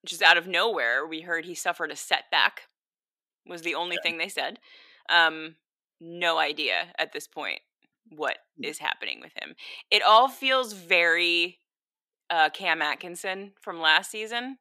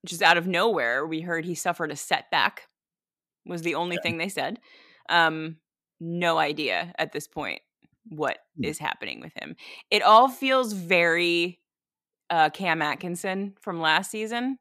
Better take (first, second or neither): second